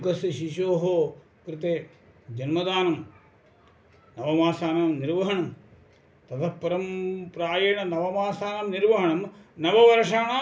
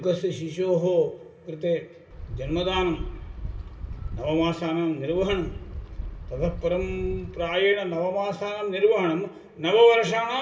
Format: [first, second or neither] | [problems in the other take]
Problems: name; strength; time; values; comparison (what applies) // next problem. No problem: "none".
first | background sound (Wind); 10 dB below the speech // room echo; dies away in 2.6 s